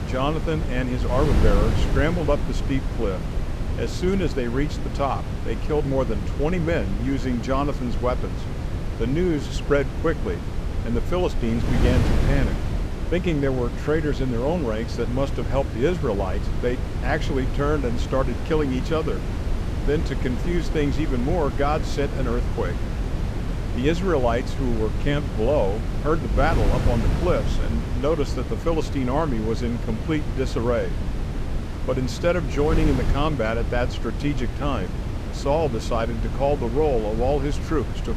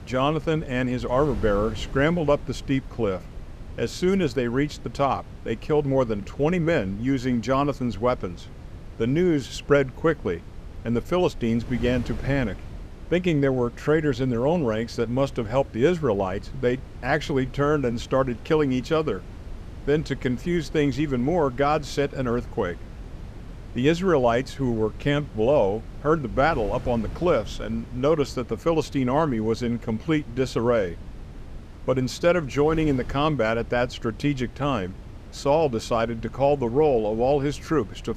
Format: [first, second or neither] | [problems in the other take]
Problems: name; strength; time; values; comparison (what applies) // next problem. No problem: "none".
second | wind noise on the microphone; heavy; 9 dB below the speech; occasional gusts in the second